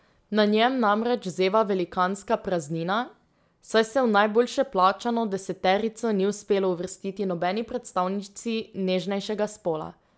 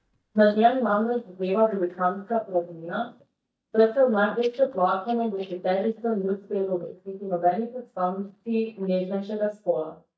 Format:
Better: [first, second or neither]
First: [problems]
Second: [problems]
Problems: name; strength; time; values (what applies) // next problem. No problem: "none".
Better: first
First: none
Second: noise reduction (neural mask model DeepFilterNet 3)